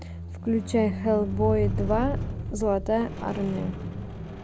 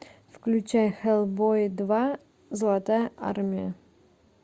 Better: second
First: background sound (Squeak); 4 dB below the speech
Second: none

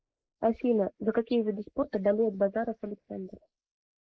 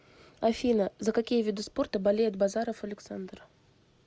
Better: second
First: noise reduction (neural mask model Resemble Enhance denoiser)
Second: none

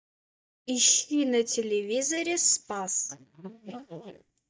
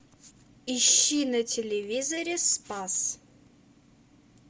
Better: second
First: noise reduction (neural mask model DeepFilterNet 3)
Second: none

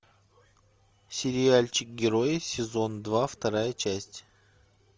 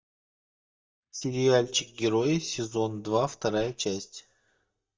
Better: first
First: none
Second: noise reduction (neural mask model DeepFilterNet 3)

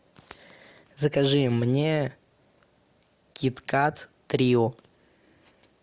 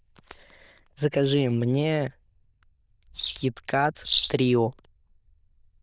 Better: first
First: none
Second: noise reduction (neural diffusion model UNIVERSE++)

